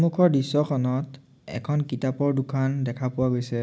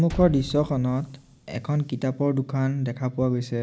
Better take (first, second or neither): first